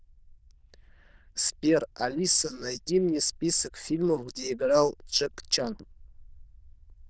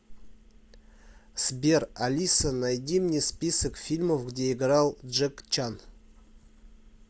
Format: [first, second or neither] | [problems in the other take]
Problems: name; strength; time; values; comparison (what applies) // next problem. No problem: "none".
second | noise reduction (neural diffusion model UNIVERSE++)